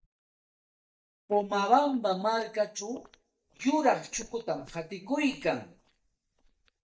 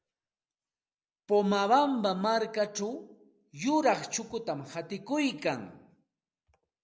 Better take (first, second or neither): second